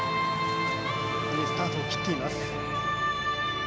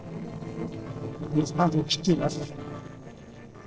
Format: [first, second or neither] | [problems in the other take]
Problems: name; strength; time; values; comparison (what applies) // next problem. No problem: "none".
first | noise reduction (neural separator model SepFormer DNS4)